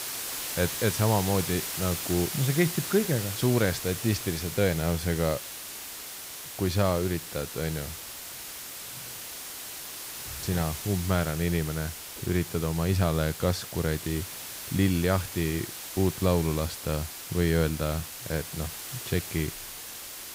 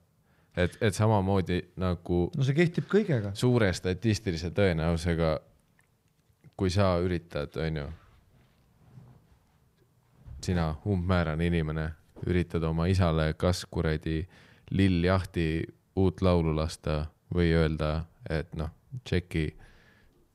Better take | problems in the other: second | hiss; loud; throughout; 6 dB below the speech

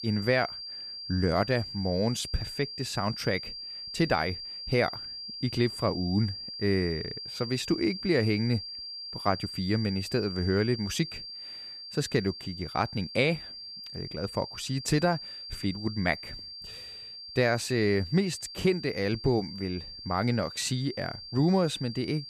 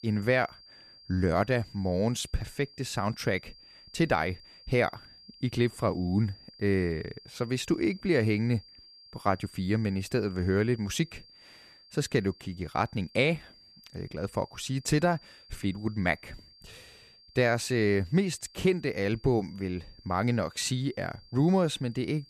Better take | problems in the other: second | high-pitched whine; loud; throughout; 4.5 kHz, 9 dB below the speech; faint in the second

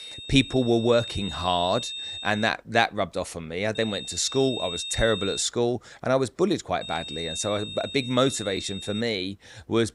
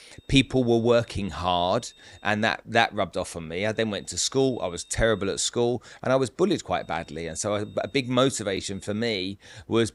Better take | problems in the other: second | high-pitched whine; loud; until 2.5 s, from 4 to 5.5 s and from 7 to 9 s; 3.5 kHz, 8 dB below the speech; faint in the second

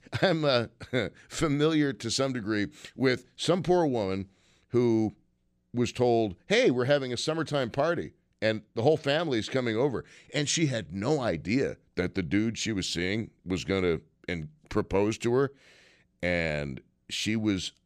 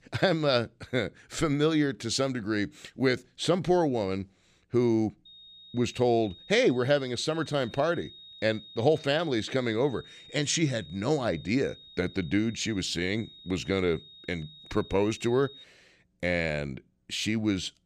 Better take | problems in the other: first | high-pitched whine; noticeable; from 5.5 to 16 s; 3.5 kHz, 20 dB below the speech

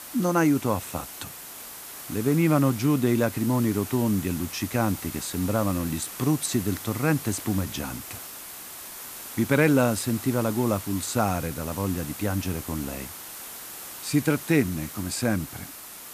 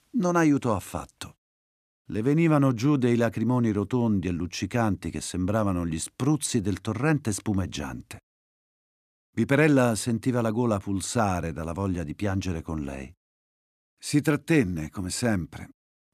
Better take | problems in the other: second | hiss; noticeable; throughout; 10 dB below the speech

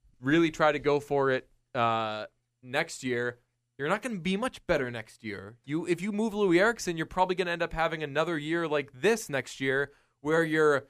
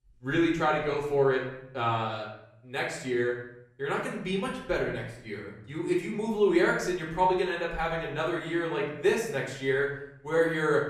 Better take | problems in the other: first | room echo; noticeable; dies away in 0.7 s // off-mic speech; far

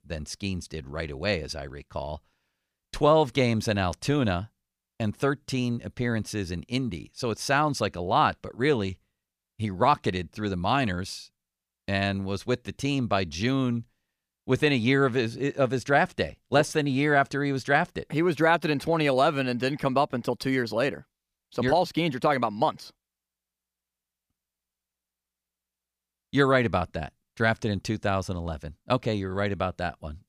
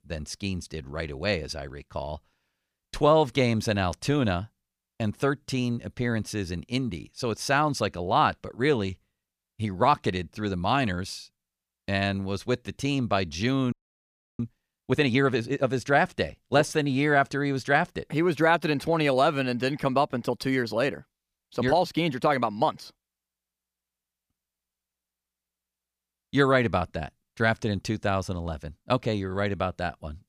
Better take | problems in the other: first | audio freezing; at 14 s for 0.5 s

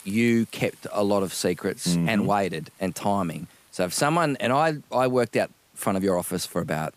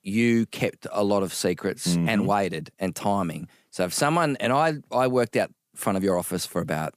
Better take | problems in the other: second | hiss; faint; throughout; 30 dB below the speech

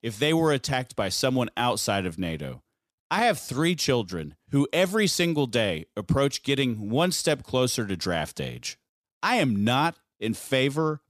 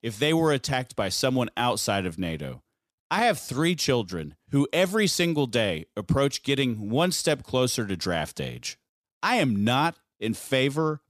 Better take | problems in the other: neither | none

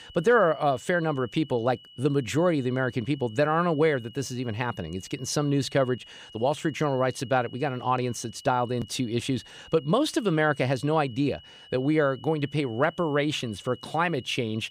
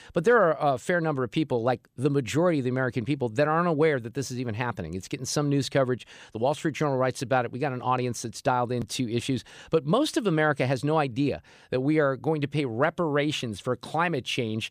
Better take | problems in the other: second | high-pitched whine; faint; throughout; 3 kHz, 20 dB below the speech

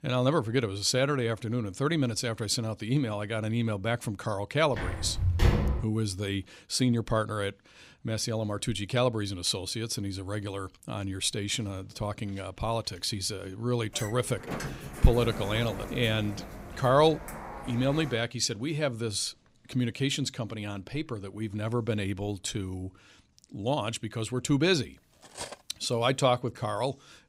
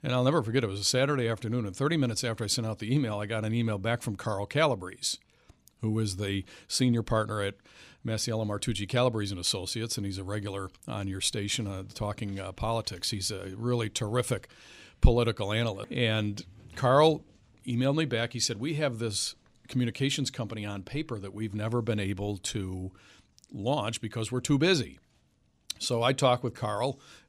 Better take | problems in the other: second | footsteps; loud; from 5 to 6 s; peak 4 dB above the speech // door banging; noticeable; from 14 to 18 s; peak 7 dB below the speech // clattering dishes; faint; at 25 s; peak 10 dB below the speech

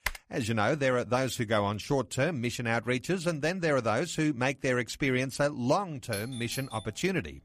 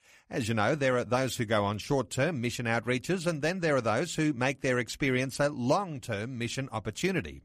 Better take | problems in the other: second | keyboard typing; noticeable; at the start; peak 6 dB below the speech // doorbell; faint; at 6 s; peak 10 dB below the speech

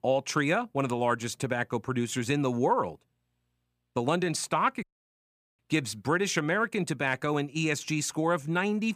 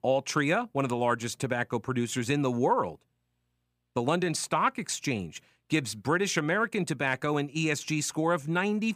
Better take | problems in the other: second | audio cutting out; at 5 s for 1 s

